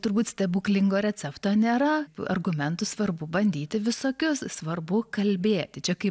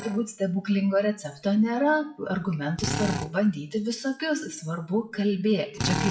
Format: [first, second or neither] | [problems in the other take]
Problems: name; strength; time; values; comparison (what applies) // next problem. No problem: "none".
first | noise reduction (classical method WPE with log-MMSE)